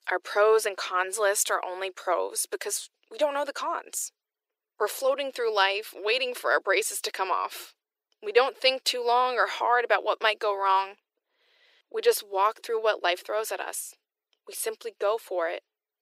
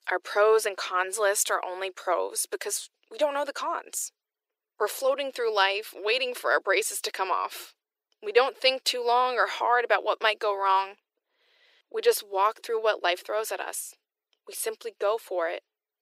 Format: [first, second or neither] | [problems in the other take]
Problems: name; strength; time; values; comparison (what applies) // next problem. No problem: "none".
neither | thin; very; fading below 350 Hz; the same in both